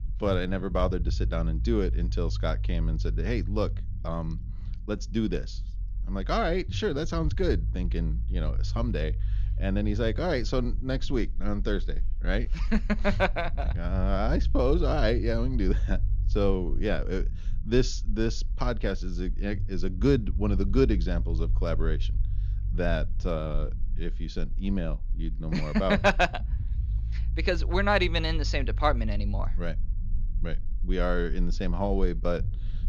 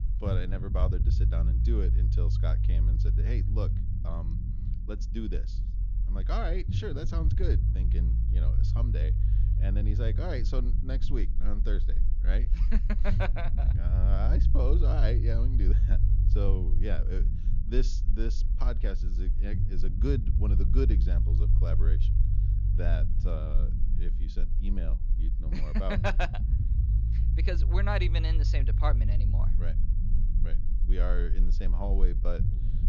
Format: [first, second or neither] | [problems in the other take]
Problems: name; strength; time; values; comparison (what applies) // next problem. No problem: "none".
first | low rumble; loud; throughout; 7 dB below the speech; faint in the first